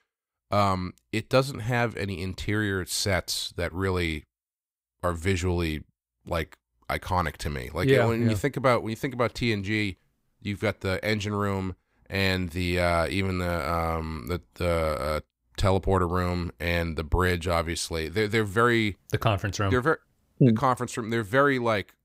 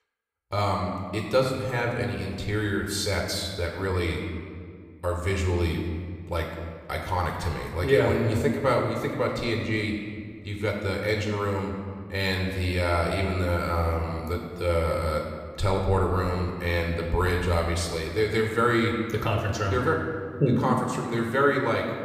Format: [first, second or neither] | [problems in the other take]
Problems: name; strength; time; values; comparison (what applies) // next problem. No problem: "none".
first | room echo; noticeable; dies away in 1.5 s // off-mic speech; somewhat distant